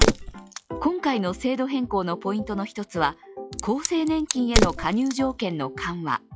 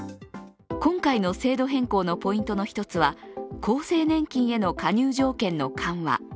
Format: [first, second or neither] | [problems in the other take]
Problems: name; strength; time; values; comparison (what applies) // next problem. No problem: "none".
second | noise reduction (classical method log-MMSE)